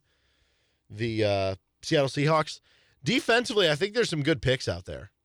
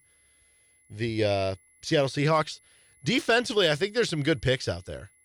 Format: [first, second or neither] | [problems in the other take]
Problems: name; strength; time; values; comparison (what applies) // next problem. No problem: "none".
first | high-pitched whine; faint; throughout; 11 kHz, 30 dB below the speech